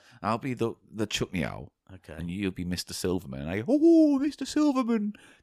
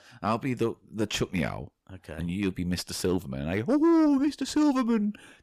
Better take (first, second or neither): first